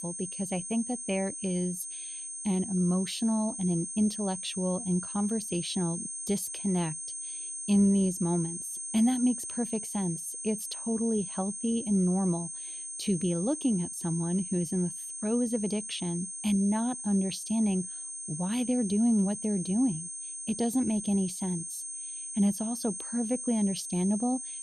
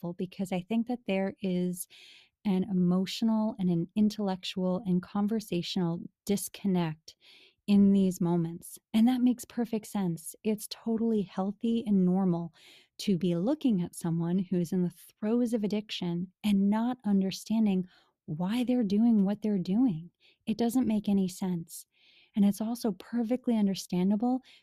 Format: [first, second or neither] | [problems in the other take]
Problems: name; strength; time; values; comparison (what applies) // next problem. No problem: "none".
second | high-pitched whine; loud; throughout; 8.5 kHz, 6 dB below the speech